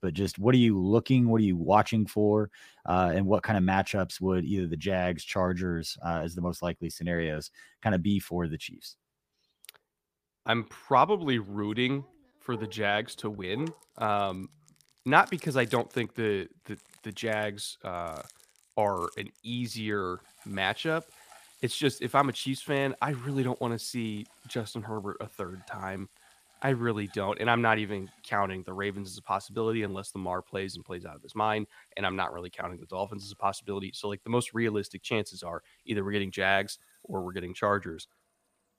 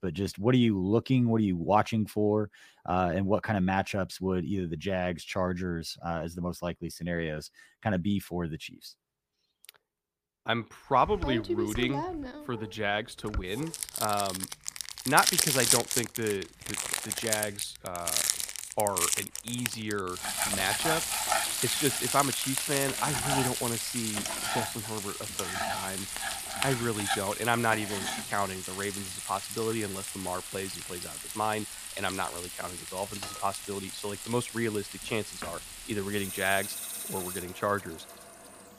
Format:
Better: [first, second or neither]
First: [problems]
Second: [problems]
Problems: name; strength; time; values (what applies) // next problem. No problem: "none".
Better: first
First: household noises; faint; from 11 s on; 30 dB below the speech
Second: household noises; loud; from 11 s on; as loud as the speech